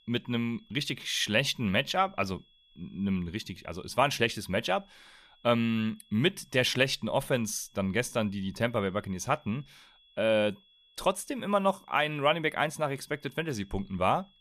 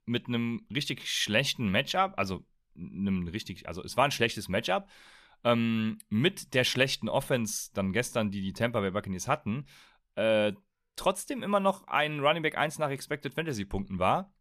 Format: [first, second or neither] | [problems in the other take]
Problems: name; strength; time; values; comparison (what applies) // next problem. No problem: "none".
second | high-pitched whine; faint; throughout; 3.5 kHz, 30 dB below the speech